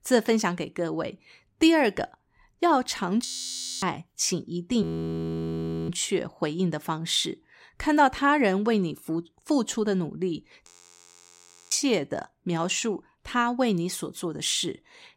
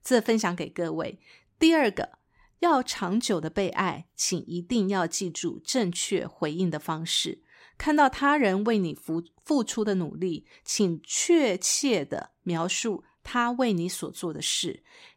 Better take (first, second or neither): second